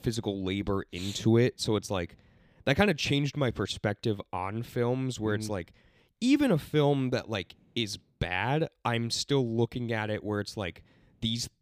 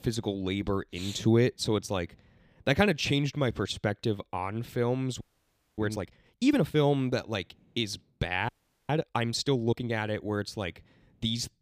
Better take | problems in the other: first | audio freezing; at 5 s for 0.5 s and at 8.5 s

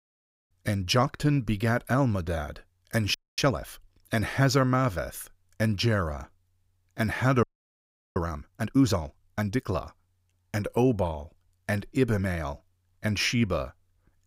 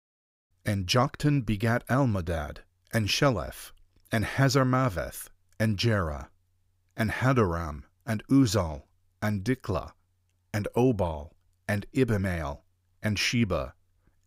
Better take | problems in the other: second | audio freezing; at 3 s and at 7.5 s for 0.5 s

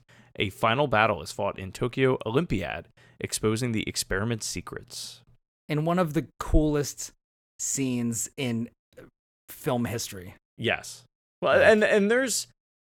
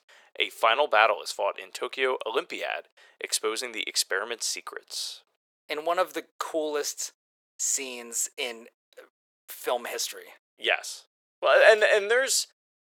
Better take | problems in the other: first | thin; very; fading below 450 Hz

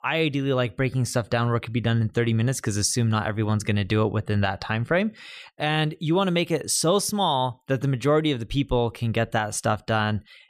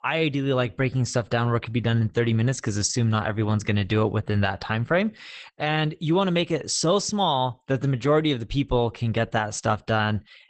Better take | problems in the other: first | garbled, watery; badly; nothing above 8 kHz

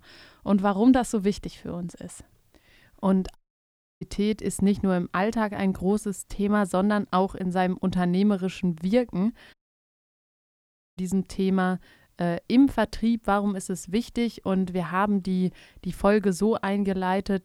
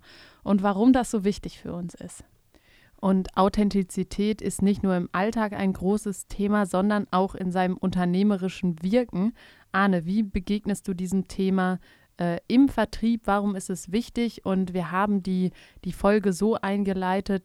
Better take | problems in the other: second | audio cutting out; at 3.5 s for 0.5 s and at 9.5 s for 1.5 s

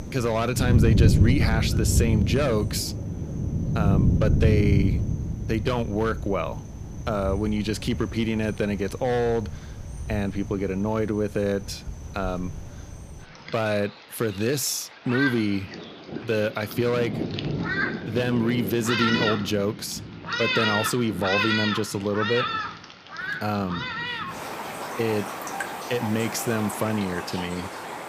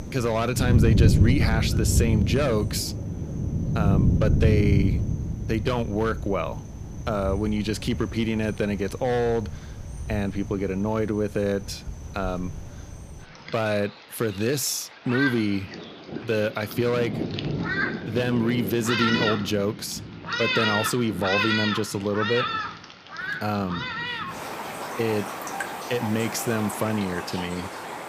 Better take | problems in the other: neither | rain or running water; loud; throughout; as loud as the speech; the same in both

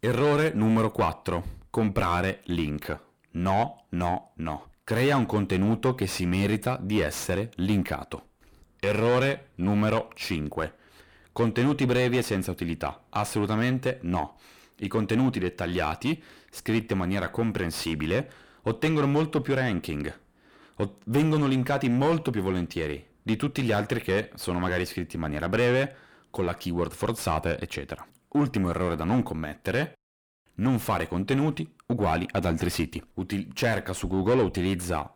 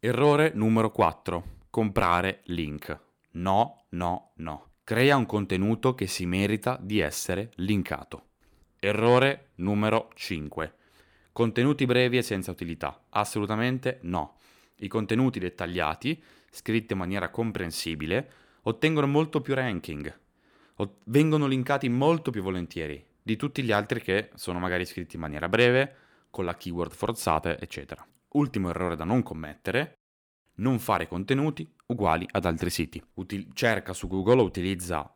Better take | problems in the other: second | distortion; heavy; 7 dB below the speech

